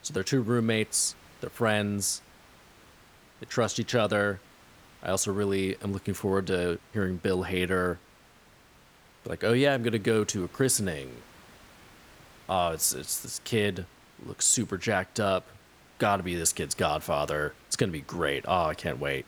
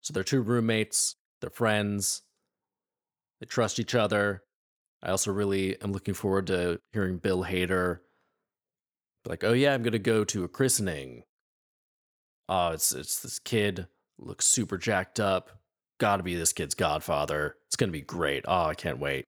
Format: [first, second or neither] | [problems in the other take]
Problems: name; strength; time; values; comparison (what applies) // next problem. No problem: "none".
second | hiss; faint; throughout; 25 dB below the speech